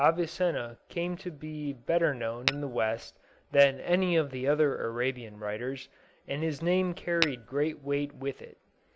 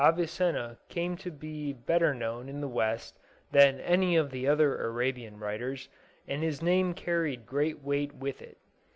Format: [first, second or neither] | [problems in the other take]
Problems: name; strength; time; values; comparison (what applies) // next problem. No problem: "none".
second | background sound (Tap / Glass); 5 dB below the speech